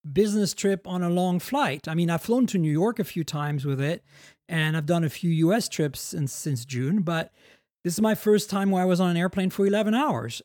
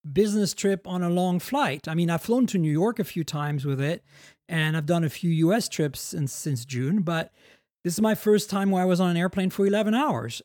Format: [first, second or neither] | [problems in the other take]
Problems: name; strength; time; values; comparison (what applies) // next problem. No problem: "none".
neither | none